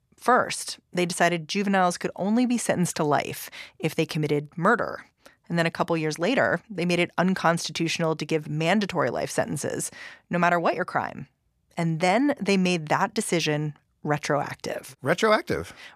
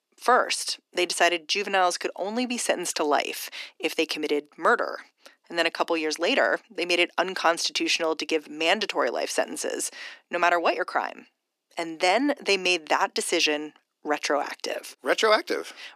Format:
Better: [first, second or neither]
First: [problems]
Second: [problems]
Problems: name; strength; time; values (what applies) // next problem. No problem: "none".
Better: first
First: none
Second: thin; somewhat; fading below 300 Hz